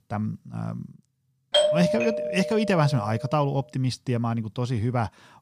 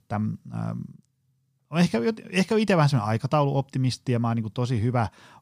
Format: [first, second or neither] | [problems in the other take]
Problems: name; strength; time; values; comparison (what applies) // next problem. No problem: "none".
second | doorbell; loud; from 1.5 to 3 s; peak 5 dB above the speech